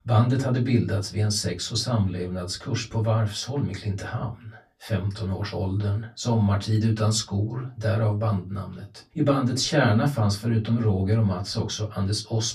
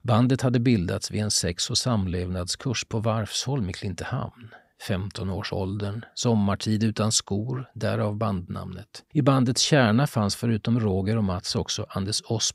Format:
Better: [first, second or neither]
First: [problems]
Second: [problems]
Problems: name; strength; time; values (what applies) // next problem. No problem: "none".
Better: second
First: off-mic speech; far // room echo; very slight; dies away in 0.2 s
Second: none